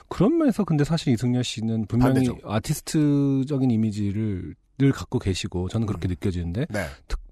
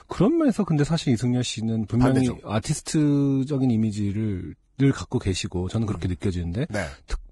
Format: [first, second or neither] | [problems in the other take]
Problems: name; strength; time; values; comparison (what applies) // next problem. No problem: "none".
first | garbled, watery; badly; nothing above 10.5 kHz